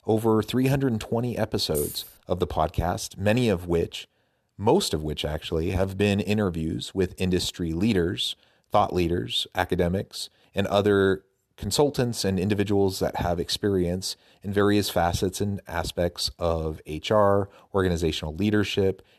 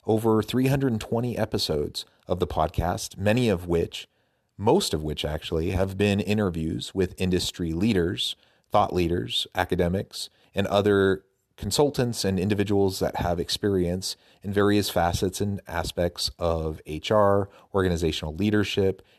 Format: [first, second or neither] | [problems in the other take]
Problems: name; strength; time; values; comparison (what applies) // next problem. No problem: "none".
second | jangling keys; noticeable; at 1.5 s; peak 8 dB below the speech